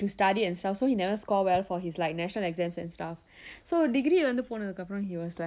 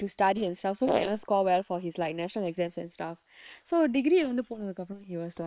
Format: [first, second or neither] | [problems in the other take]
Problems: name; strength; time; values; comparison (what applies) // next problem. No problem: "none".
first | noise reduction (neural separator model SepFormer WHAM!)